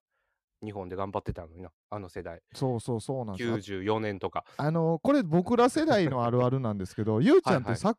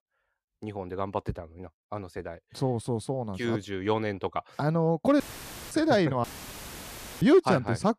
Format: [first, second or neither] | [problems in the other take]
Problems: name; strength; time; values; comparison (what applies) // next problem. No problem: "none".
first | audio cutting out; filled with static; at 5 s for 0.5 s and at 6 s for 1 s